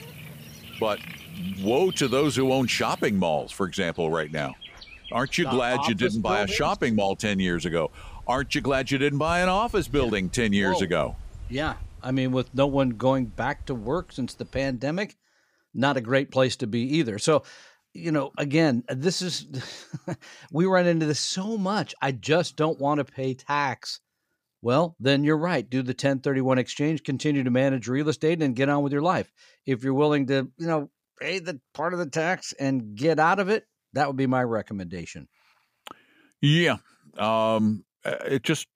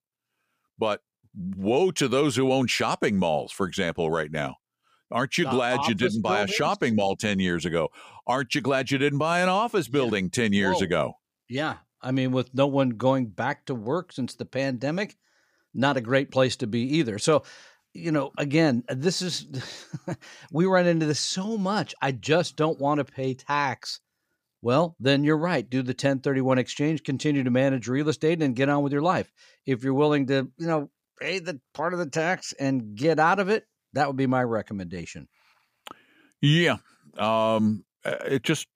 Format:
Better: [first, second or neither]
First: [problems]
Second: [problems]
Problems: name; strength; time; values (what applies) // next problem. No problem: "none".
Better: second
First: animal sounds; noticeable; until 15 s; 20 dB below the speech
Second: none